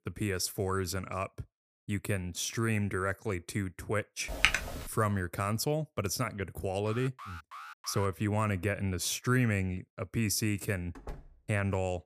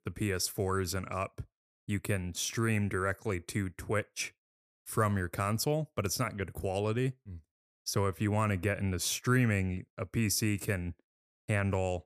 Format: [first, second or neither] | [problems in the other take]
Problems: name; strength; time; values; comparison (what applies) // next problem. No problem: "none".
second | keyboard typing; loud; at 4.5 s; peak 5 dB above the speech // alarm; faint; from 7 to 8 s; peak 15 dB below the speech // door banging; faint; at 11 s; peak 15 dB below the speech